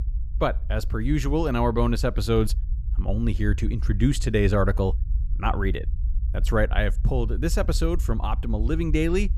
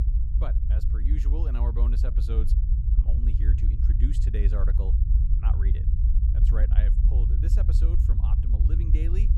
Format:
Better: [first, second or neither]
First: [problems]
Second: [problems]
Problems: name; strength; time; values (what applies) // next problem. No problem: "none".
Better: first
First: low rumble; faint; throughout; 20 dB below the speech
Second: low rumble; loud; throughout; as loud as the speech